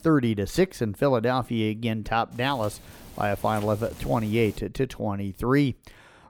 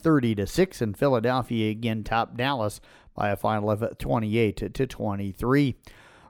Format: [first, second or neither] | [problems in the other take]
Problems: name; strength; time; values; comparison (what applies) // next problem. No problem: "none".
second | wind noise on the microphone; occasional gusts; from 2.5 to 4.5 s; 20 dB below the speech